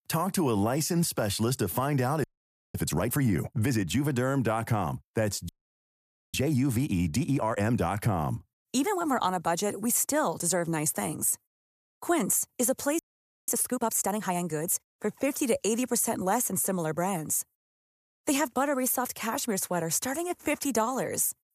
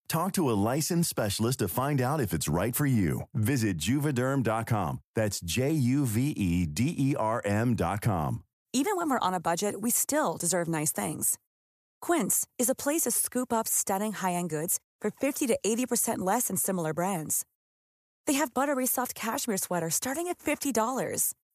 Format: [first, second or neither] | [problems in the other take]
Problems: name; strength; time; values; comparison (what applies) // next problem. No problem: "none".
second | audio freezing; at 2 s for 0.5 s, at 5.5 s for 1 s and at 13 s